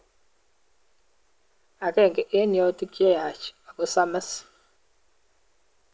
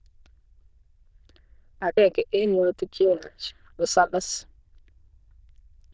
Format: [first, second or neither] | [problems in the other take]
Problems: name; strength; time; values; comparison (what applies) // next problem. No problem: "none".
first | noise reduction (neural diffusion model UNIVERSE++)